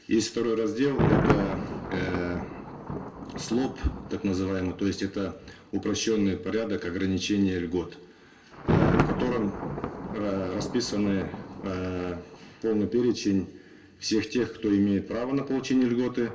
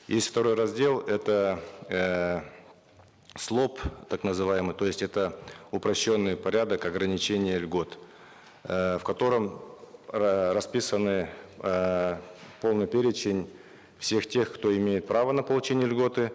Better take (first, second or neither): second